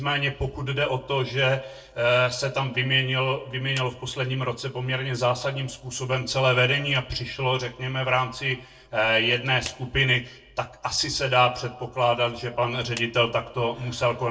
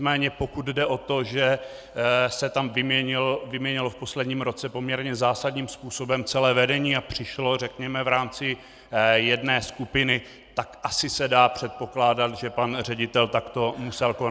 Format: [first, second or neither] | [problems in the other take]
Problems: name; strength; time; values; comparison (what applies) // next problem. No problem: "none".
second | noise reduction (neural separator model SepFormer DNS4)